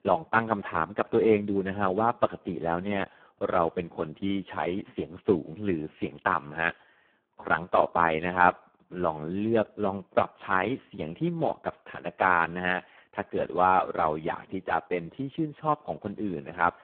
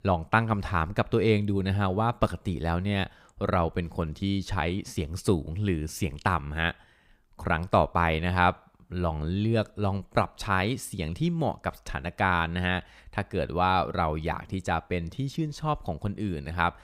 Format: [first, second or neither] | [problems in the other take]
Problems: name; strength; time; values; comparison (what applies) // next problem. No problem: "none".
second | phone-call audio; poor line